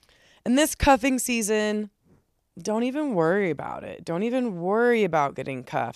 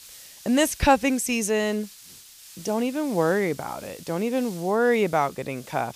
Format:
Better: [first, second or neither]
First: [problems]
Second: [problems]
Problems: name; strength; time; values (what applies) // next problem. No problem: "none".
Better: first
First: none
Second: hiss; noticeable; throughout; 20 dB below the speech